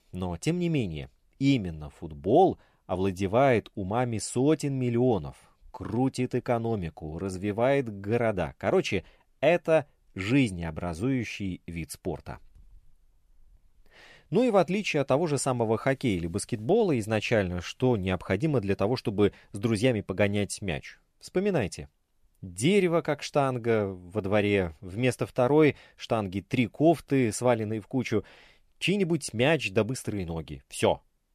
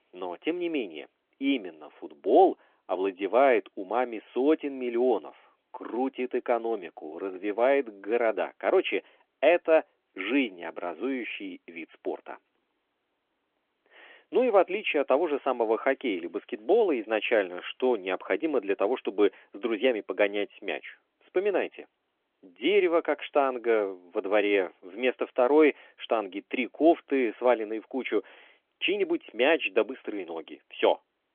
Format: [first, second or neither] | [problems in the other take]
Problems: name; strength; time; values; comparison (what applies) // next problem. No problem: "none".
first | phone-call audio; nothing above 3.5 kHz